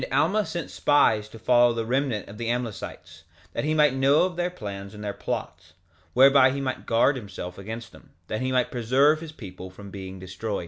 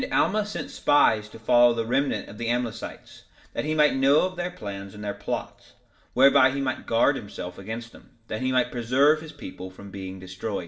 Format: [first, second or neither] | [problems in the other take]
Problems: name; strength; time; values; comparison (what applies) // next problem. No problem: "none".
first | room echo; dies away in 0.5 s